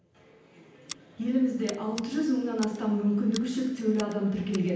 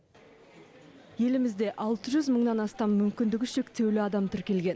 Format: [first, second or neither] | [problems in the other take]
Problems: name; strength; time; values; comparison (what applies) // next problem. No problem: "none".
second | background sound (Scissors); 19 dB below the speech // room echo; dies away in 0.9 s